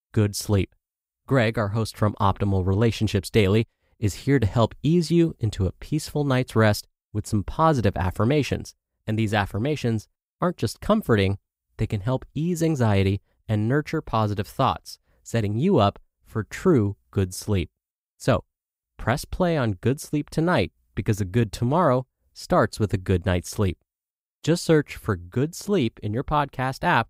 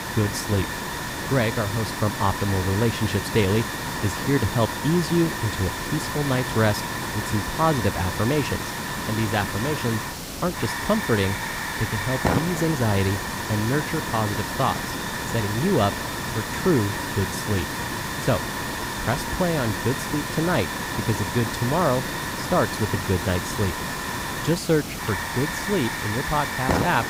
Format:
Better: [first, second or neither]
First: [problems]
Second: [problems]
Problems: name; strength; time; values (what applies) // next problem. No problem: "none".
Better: first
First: none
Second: hiss; loud; throughout; 2 dB below the speech